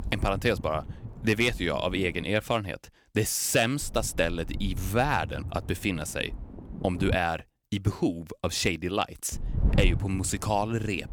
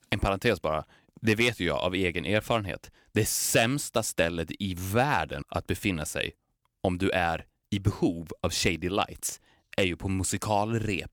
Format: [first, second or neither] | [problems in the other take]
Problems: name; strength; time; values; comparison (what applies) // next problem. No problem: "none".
second | wind noise on the microphone; occasional gusts; until 2.5 s, from 4 to 7 s and from 9.5 s on; 20 dB below the speech